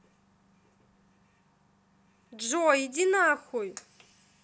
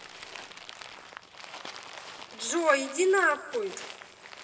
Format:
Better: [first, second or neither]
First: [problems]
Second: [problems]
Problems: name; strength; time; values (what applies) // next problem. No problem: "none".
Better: first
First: none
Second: background sound (Crumpling, crinkling); 14 dB below the speech // room echo; dies away in 2.9 s